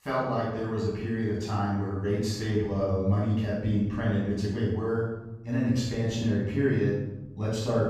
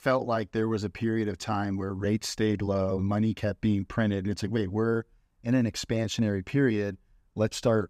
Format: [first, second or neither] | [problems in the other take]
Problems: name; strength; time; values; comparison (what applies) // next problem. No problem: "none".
second | off-mic speech; far // room echo; strong; dies away in 1 s